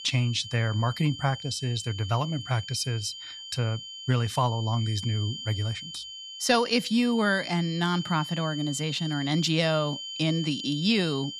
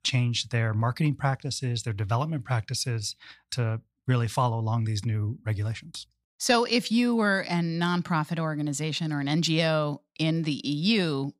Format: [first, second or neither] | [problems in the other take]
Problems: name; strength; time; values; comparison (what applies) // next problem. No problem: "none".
second | high-pitched whine; loud; throughout; 3 kHz, 9 dB below the speech